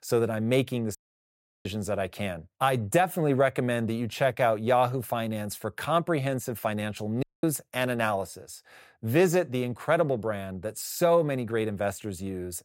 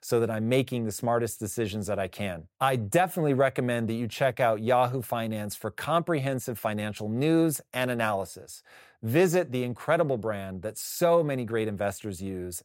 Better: second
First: audio cutting out; at 1 s for 0.5 s and at 7 s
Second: none

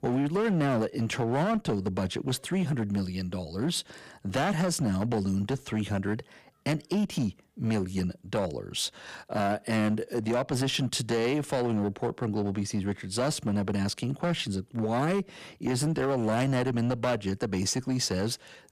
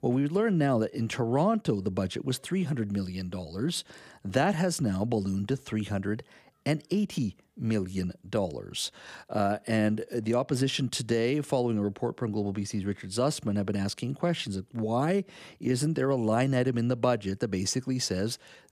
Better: second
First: distortion; slight; 11% of the sound clipped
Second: none

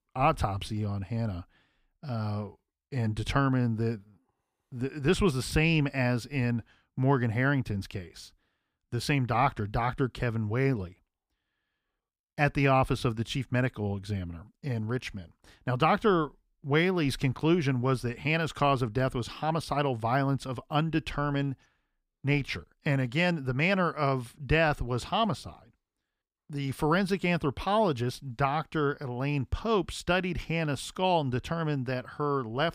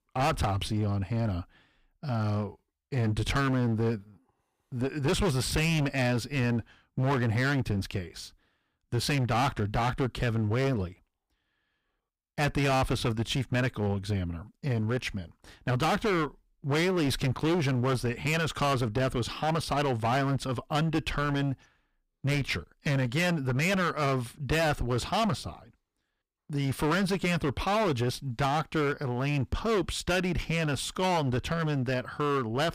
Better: first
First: none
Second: distortion; heavy; 17% of the sound clipped

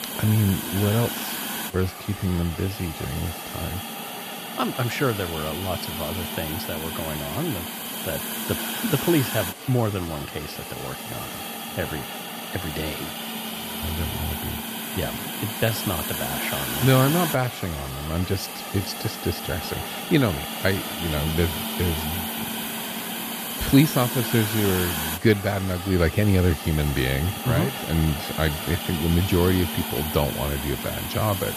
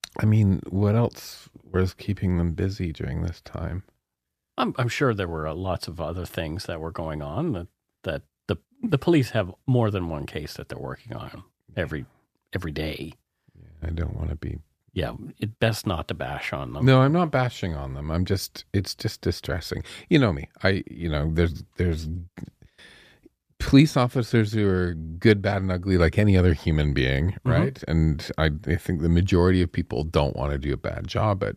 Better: second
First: hiss; loud; throughout; 4 dB below the speech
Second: none

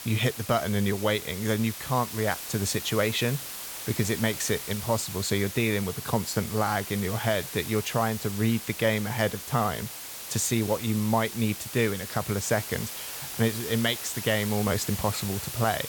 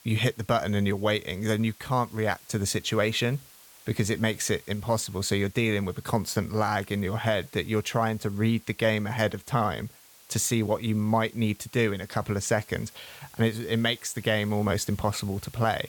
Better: second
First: hiss; loud; throughout; 8 dB below the speech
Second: hiss; faint; throughout; 25 dB below the speech

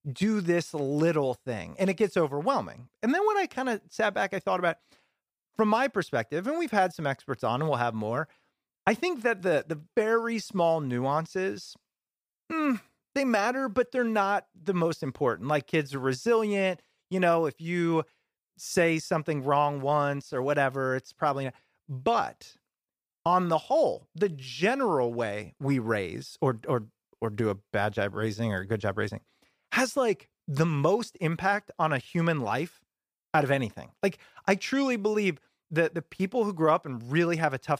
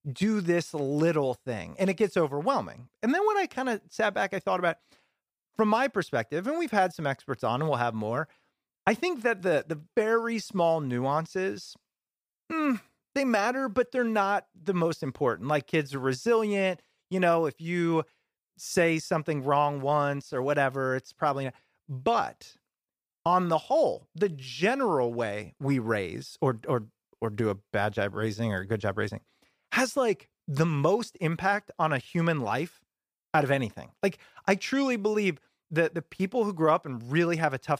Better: neither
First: none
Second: none

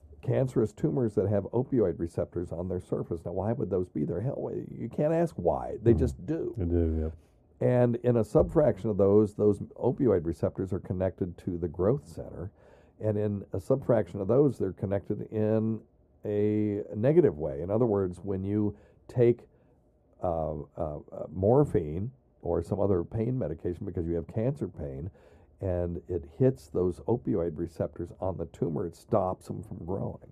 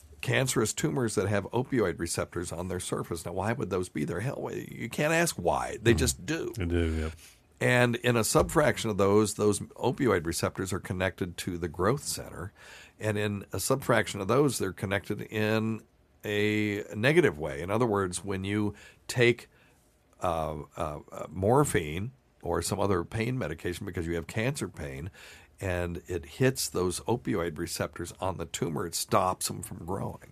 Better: second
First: muffled; very; fading above 1 kHz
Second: none

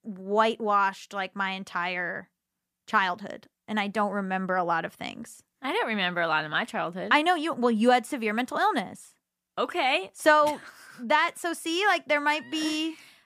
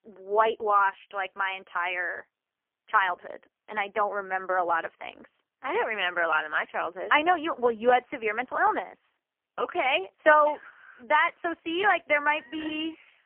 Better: first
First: none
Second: phone-call audio; poor line; nothing above 3 kHz

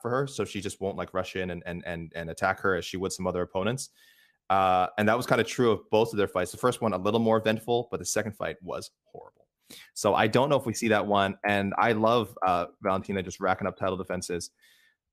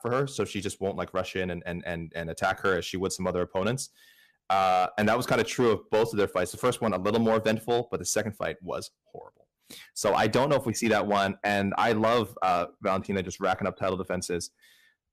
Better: first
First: none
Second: distortion; slight; 3% of the sound clipped

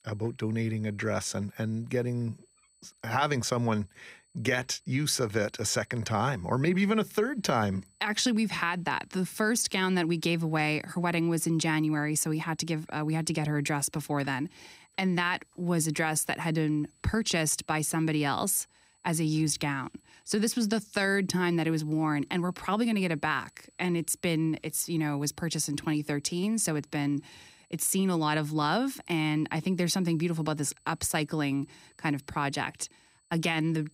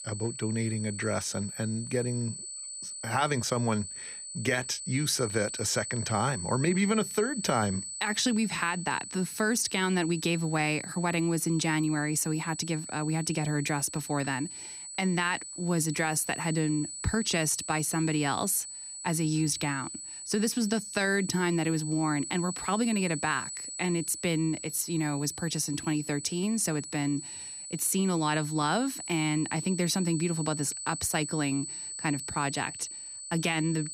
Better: first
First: high-pitched whine; faint; throughout; 8 kHz, 35 dB below the speech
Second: high-pitched whine; loud; throughout; 8 kHz, 8 dB below the speech

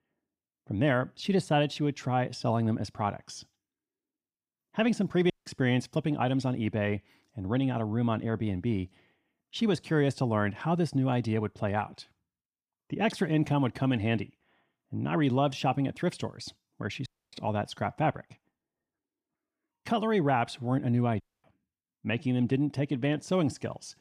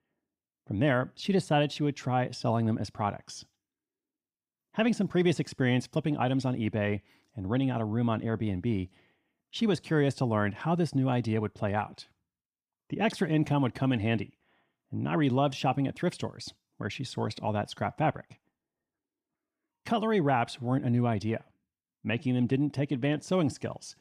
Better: second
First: audio cutting out; at 5.5 s, at 17 s and at 21 s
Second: none

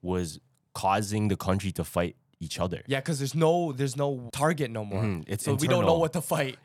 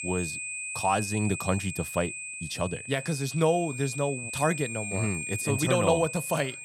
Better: first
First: none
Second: high-pitched whine; loud; throughout; 2.5 kHz, 6 dB below the speech

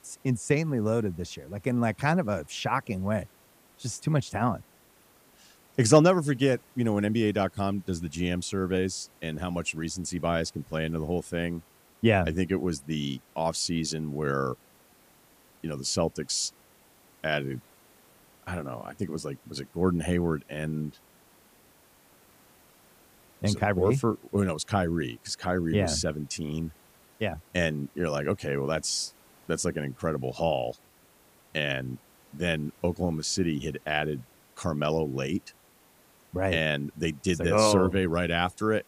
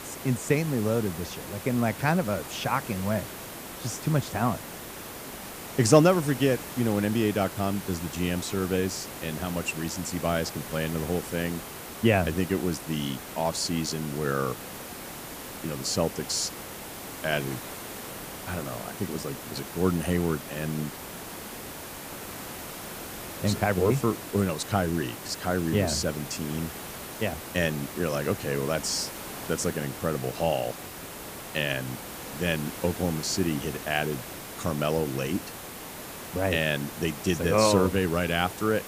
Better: first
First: hiss; faint; throughout; 30 dB below the speech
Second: hiss; loud; throughout; 10 dB below the speech

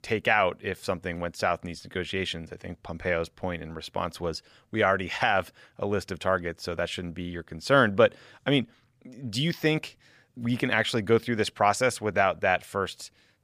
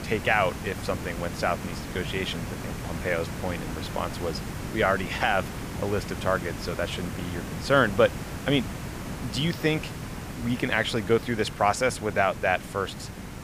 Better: first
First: none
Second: hiss; loud; throughout; 8 dB below the speech

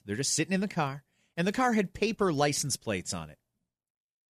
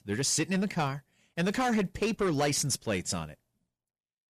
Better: first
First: none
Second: distortion; slight; 10 dB below the speech

